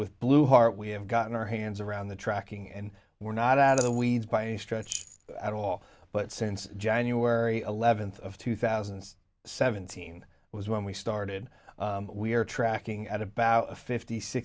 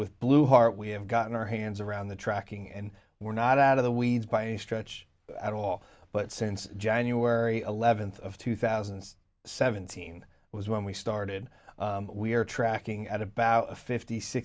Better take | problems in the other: second | background sound (Rattle); 13 dB below the speech

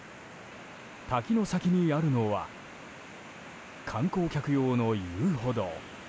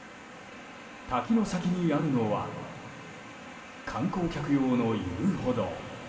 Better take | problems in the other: first | room echo; dies away in 2 s

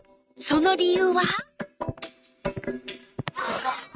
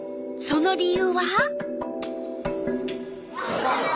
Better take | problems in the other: second | noise reduction (neural mask model RNNoise)

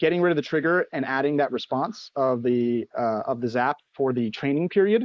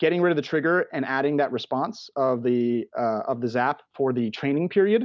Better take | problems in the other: second | noise reduction (neural mask model Resemble Enhance denoiser)

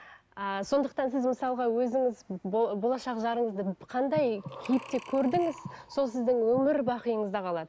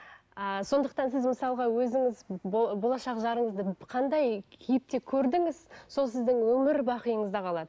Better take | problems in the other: second | background sound (Breathing); 15 dB below the speech

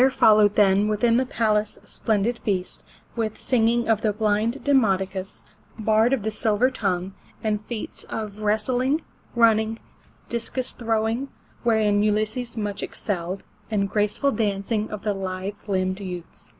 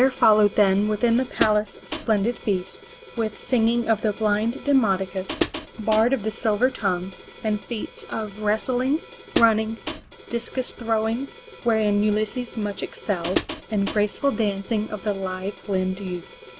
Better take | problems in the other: first | background sound (Hi-hat); 12 dB below the speech

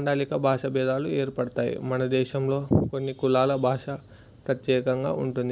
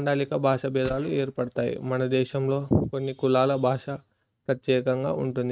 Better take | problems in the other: first | noise reduction (neural mask model RNNoise)

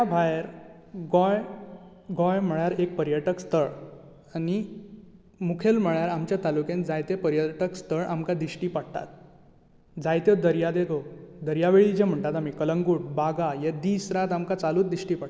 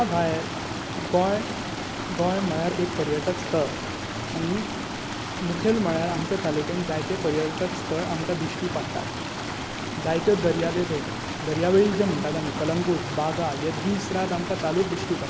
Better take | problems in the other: first | background sound (Stream); 4 dB below the speech

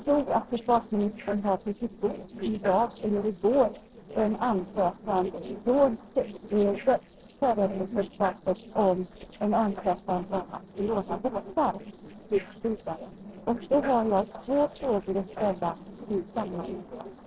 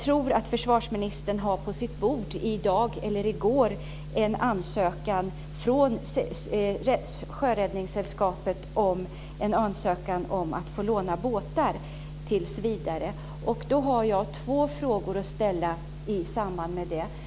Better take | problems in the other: second | noise reduction (neural separator model SepFormer DNS4)

